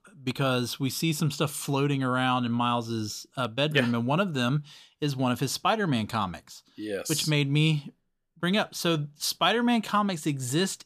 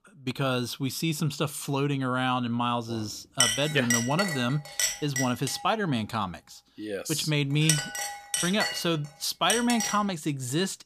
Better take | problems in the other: first | clattering dishes; loud; from 3.5 to 10 s; peak 4 dB above the speech

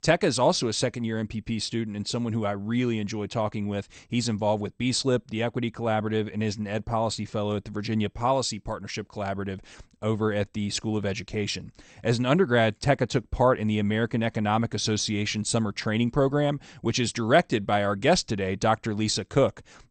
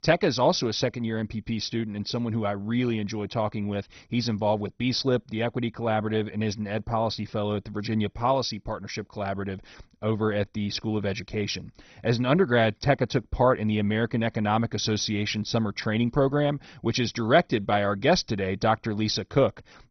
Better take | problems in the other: first | garbled, watery; badly; nothing above 6 kHz; slightly in the first

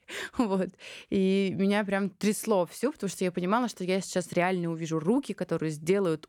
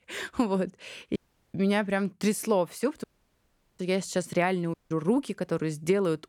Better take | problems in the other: first | audio cutting out; at 1 s, at 3 s for 1 s and at 4.5 s

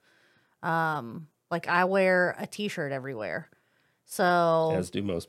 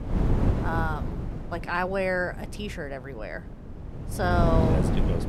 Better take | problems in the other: first | wind noise on the microphone; heavy; 5 dB below the speech

